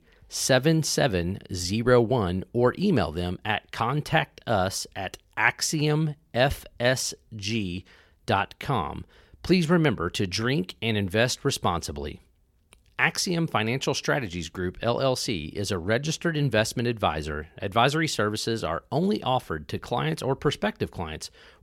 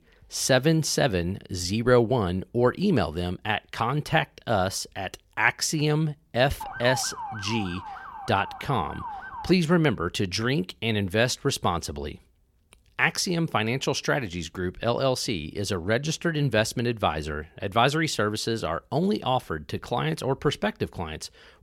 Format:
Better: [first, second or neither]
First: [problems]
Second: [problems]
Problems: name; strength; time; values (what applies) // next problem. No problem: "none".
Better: first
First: none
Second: siren; noticeable; from 6.5 to 9.5 s; peak 8 dB below the speech